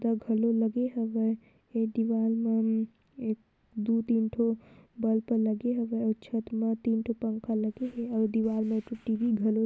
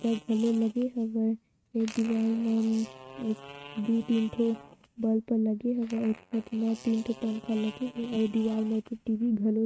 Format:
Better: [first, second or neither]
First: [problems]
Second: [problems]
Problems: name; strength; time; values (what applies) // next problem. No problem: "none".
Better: first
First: none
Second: noise reduction (neural mask model RNNoise)